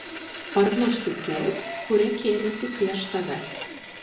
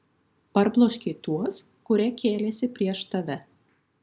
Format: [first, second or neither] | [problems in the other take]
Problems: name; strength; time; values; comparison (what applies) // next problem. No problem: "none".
second | background sound (Sawing); 11 dB below the speech // room echo; dies away in 0.6 s